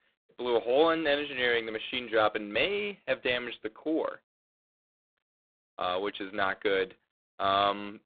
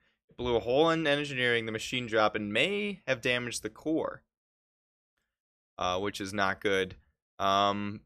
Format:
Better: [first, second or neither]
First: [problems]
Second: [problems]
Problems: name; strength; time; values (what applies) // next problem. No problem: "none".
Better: second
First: phone-call audio; poor line; nothing above 3.5 kHz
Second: none